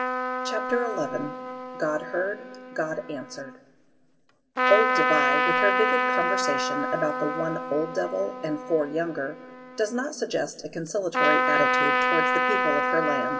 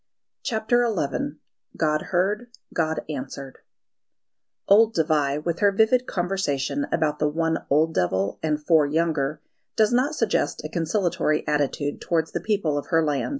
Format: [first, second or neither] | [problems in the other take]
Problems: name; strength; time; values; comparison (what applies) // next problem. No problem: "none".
second | background sound (Trumpet); 2 dB above the speech // room echo; dies away in 1.7 s